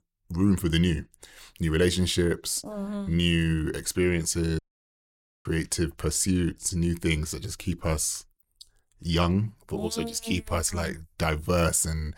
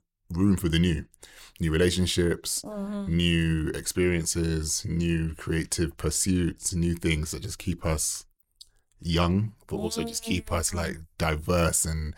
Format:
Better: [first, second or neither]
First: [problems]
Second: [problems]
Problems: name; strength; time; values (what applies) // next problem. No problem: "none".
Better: second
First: audio cutting out; at 4.5 s for 1 s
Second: none